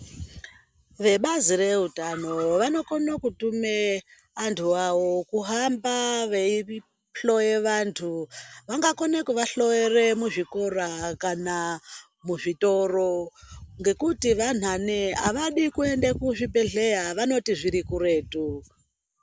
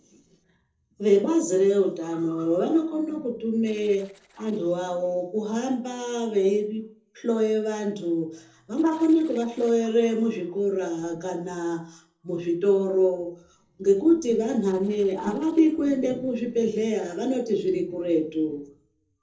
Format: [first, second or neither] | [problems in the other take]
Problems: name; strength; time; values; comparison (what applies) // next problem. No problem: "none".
first | noise reduction (neural separator model SepFormer DNS4)